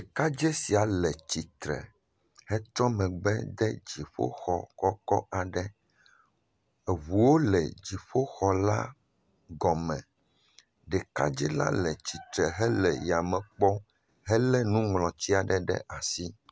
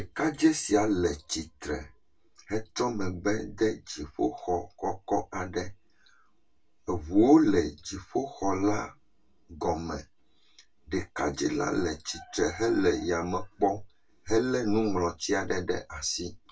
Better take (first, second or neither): first